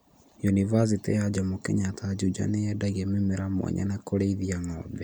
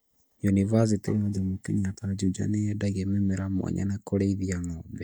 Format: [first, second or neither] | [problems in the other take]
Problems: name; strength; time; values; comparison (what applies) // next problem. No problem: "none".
first | noise reduction (neural mask model DeepFilterNet 3)